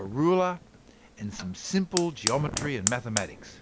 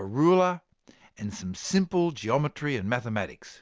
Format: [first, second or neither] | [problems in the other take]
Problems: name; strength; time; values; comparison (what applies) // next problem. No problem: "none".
second | background sound (Fire); 6 dB below the speech